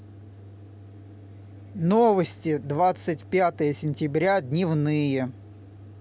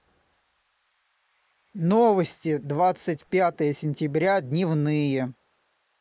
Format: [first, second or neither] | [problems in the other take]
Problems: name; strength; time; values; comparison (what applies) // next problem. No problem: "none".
first | noise reduction (neural mask model Resemble Enhance denoiser)